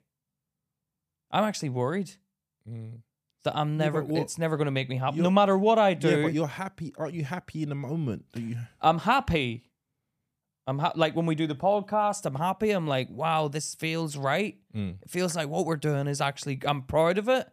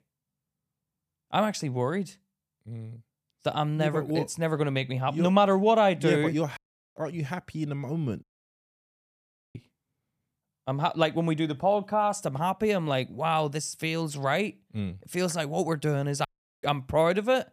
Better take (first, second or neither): first